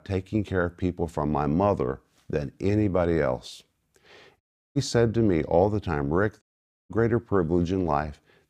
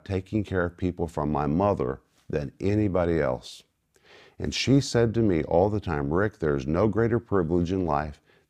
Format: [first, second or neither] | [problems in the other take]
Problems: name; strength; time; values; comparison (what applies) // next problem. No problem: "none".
second | audio cutting out; at 4.5 s and at 6.5 s